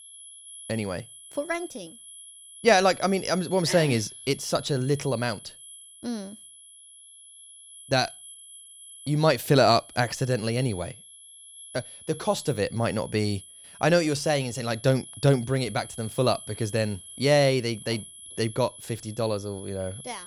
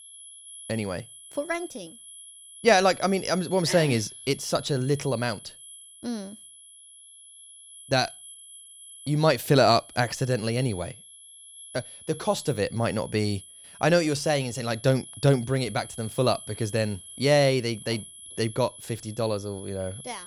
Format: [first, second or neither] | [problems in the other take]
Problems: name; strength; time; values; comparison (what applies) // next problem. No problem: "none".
neither | high-pitched whine; noticeable; throughout; 11 kHz, 15 dB below the speech; the same in both